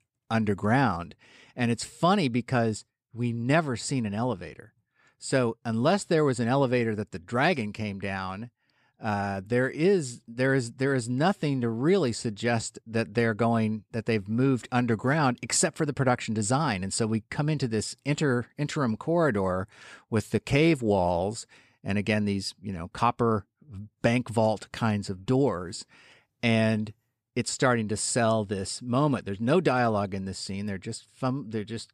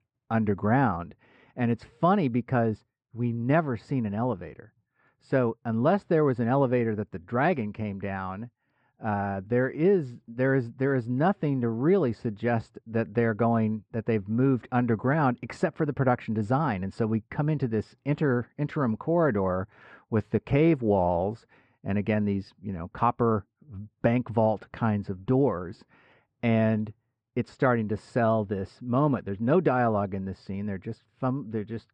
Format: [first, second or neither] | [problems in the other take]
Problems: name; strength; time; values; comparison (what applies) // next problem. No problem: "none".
first | muffled; very; fading above 1.5 kHz